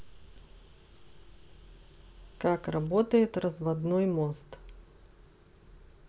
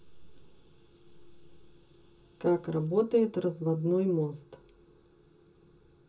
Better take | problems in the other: first | room echo; dies away in 0.2 s

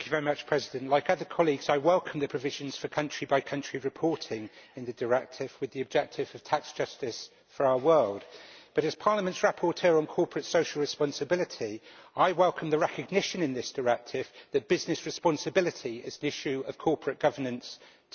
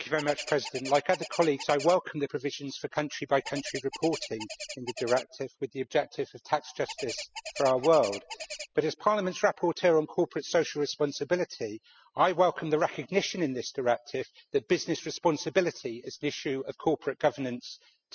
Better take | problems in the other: first | noise reduction (classical method spectral subtraction)

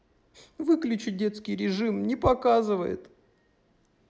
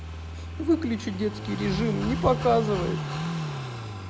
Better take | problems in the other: first | background sound (Car passing by / Idling); 4 dB below the speech

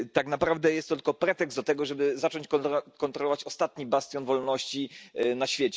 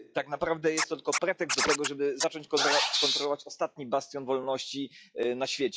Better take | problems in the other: first | noise reduction (classical method log-MMSE)

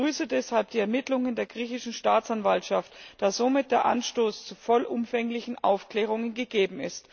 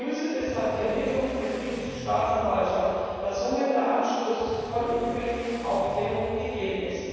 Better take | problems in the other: first | background sound (Motorcycle / Accelerating, revving, vroom); 14 dB below the speech // room echo; dies away in 2.2 s

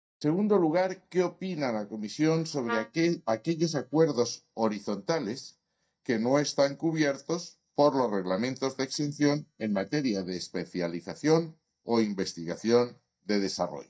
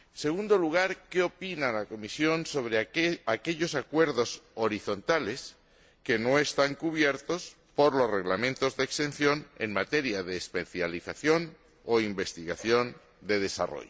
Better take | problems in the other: second | noise reduction (neural mask model DeepFilterNet 3)

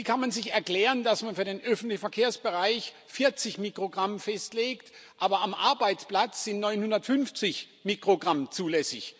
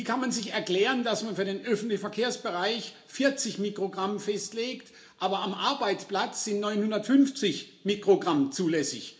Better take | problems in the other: first | room echo; dies away in 0.4 s

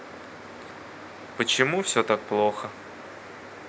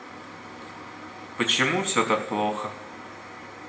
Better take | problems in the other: first | room echo; dies away in 0.8 s

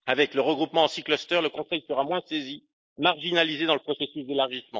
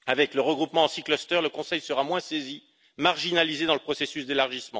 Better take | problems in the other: second | noise reduction (neural mask model Resemble Enhance denoiser)

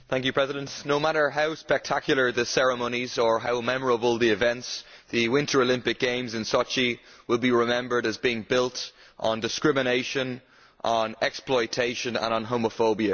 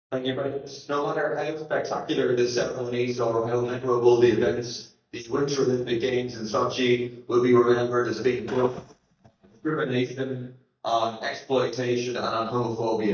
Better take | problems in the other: first | noise reduction (neural mask model DeepFilterNet 3)

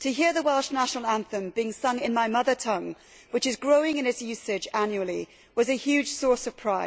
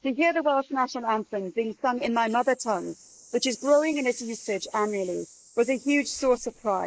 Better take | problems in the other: first | noise reduction (neural mask model Resemble Enhance denoiser)

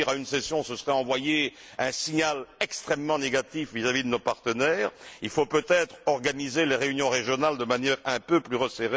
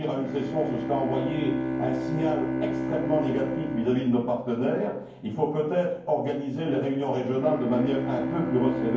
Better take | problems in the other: first | background sound (Bowed string instrument); 5 dB below the speech // room echo; dies away in 0.9 s

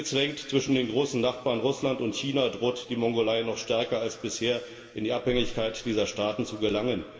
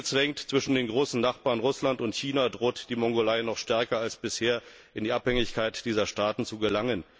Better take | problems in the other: second | room echo; dies away in 2.3 s

